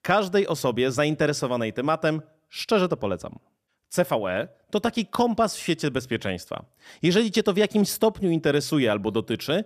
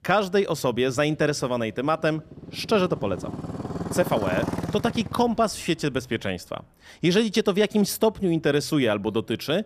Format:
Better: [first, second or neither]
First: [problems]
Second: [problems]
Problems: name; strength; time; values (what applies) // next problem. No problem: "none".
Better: first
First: none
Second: traffic noise; loud; throughout; 9 dB below the speech